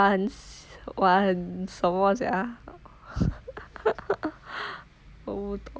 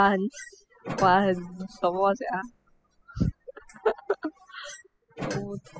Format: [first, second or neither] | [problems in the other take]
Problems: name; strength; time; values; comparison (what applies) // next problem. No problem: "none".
first | noise reduction (classical method spectral subtraction)